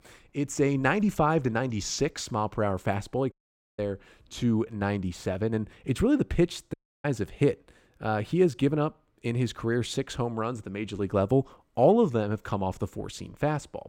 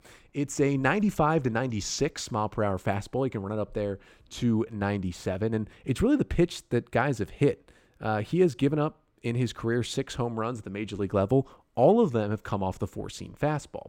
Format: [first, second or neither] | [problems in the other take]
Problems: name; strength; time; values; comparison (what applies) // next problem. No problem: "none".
second | audio cutting out; at 3.5 s and at 6.5 s